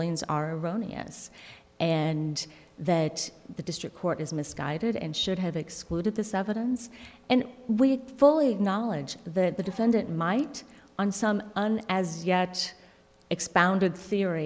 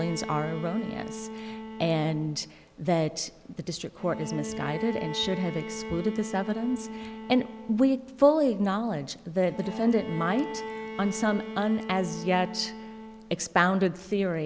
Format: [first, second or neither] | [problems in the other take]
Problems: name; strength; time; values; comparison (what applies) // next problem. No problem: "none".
first | background sound (Bowed string instrument); 11 dB below the speech